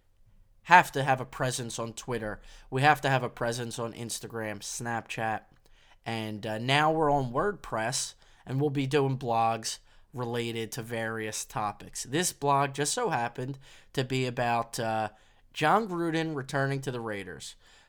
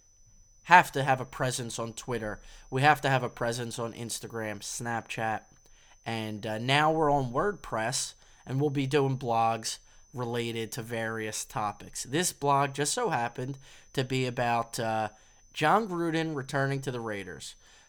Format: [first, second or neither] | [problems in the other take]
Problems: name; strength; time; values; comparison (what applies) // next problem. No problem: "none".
first | high-pitched whine; faint; throughout; 6 kHz, 30 dB below the speech